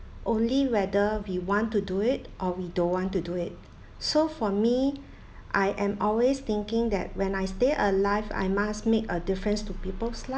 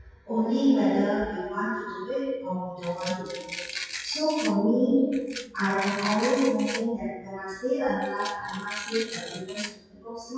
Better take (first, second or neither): first